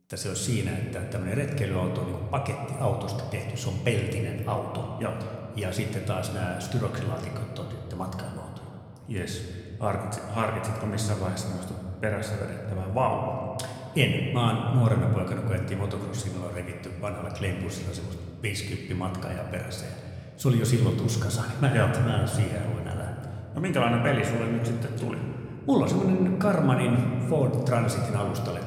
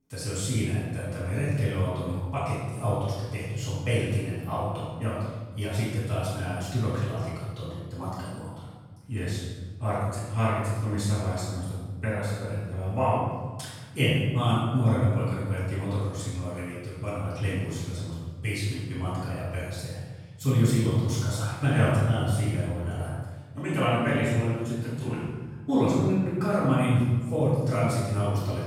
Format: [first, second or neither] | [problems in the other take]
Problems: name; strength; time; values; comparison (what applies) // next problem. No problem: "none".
first | room echo; strong; dies away in 1.4 s; slight in the first // off-mic speech; far